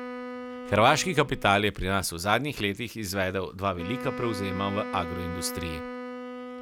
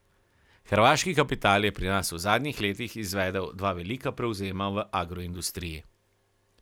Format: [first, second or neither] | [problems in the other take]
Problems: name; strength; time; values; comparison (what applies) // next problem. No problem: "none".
second | background sound (Wind instrument, woodwind instrument); 10 dB below the speech